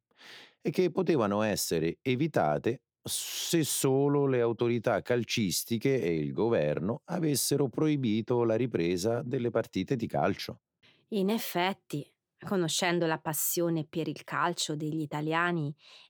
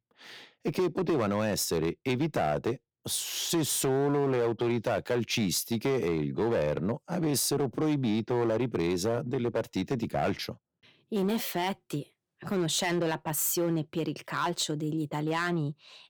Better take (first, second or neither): first